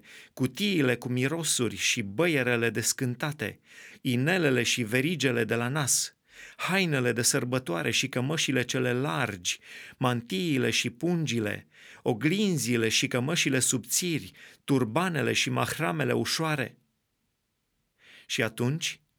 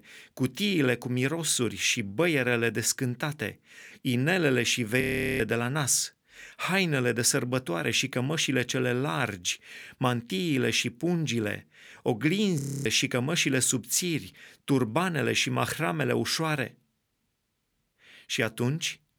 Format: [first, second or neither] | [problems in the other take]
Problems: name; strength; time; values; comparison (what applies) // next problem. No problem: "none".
first | audio freezing; at 5 s and at 13 s